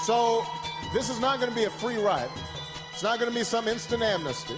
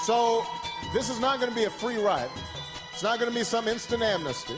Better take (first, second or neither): second